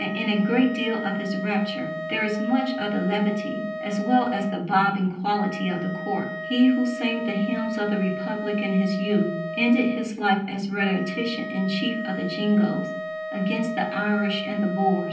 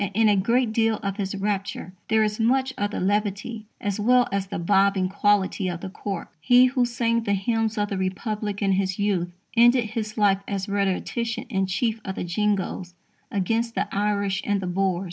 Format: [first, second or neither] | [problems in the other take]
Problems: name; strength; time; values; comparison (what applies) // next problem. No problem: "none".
second | background sound (Wind instrument, woodwind instrument); 9 dB below the speech // room echo; dies away in 0.6 s